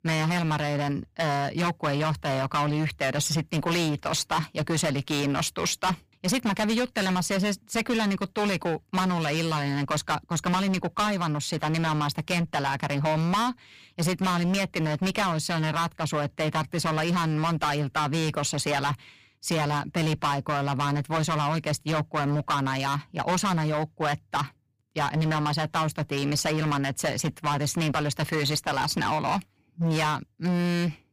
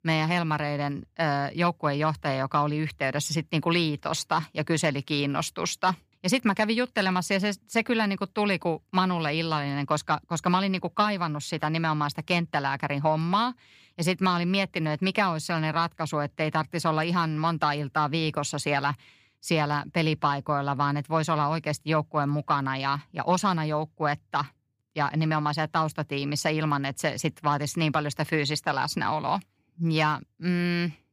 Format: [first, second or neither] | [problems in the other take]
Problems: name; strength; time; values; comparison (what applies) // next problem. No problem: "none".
second | distortion; heavy; 19% of the sound clipped